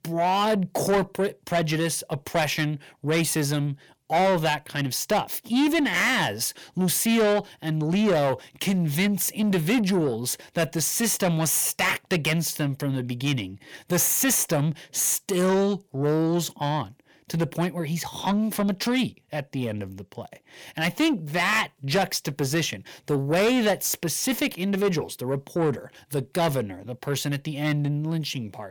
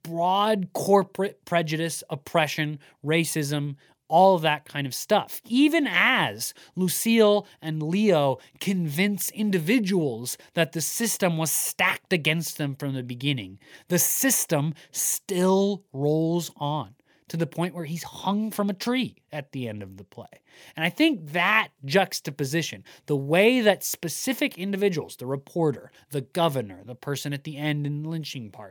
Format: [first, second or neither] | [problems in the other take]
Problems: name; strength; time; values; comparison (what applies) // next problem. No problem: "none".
second | distortion; heavy; 8 dB below the speech